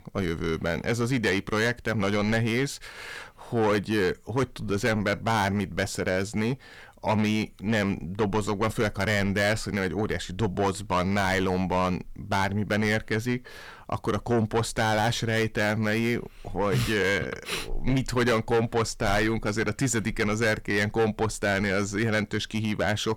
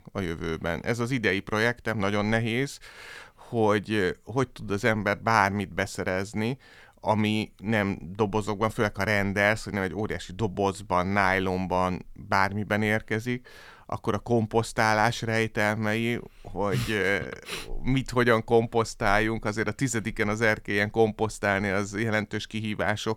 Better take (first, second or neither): second